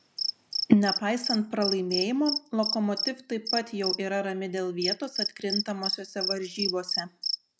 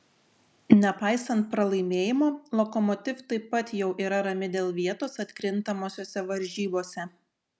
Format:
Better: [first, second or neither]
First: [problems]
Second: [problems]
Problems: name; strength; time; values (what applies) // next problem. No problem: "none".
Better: second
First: background sound (Cricket); 4 dB below the speech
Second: none